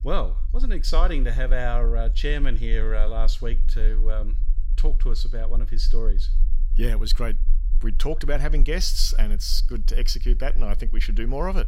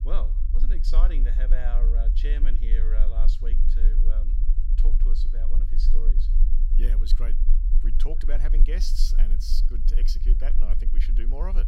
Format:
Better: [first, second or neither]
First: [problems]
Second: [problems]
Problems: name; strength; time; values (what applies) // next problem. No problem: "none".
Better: first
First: low rumble; faint; throughout; 20 dB below the speech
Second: low rumble; loud; throughout; 9 dB below the speech